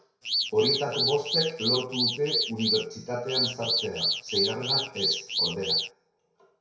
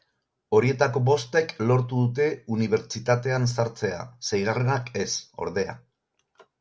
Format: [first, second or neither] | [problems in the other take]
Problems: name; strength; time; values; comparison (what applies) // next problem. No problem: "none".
second | background sound (Alarm / Car); 2 dB above the speech // room echo; dies away in 0.6 s